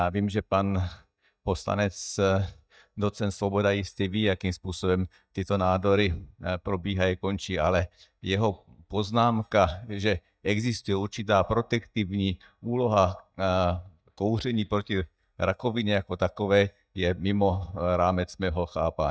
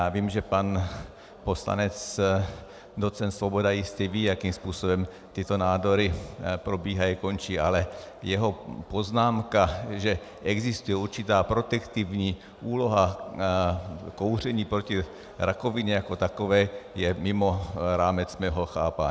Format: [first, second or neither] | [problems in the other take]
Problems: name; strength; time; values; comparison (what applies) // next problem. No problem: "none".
second | noise reduction (neural mask model DeepFilterNet 3)